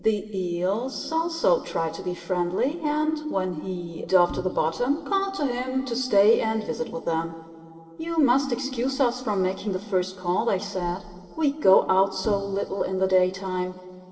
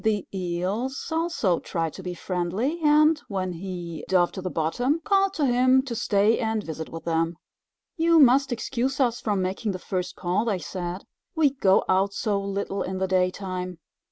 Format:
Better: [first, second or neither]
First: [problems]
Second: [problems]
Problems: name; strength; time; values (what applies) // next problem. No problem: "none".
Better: second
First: noise reduction (neural separator model SepFormer DNS4)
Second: none